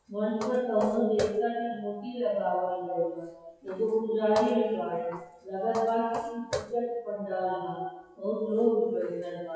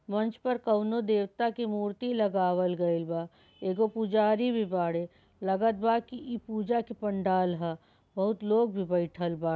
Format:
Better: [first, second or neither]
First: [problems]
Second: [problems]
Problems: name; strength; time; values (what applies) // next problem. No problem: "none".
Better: second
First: noise reduction (classical method WPE with log-MMSE)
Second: none